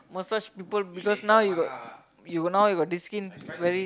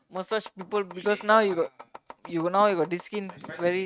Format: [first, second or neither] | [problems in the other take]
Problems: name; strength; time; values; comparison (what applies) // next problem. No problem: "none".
first | noise reduction (neural mask model RNNoise)